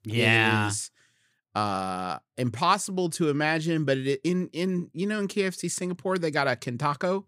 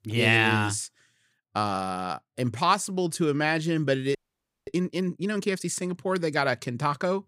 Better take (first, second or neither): first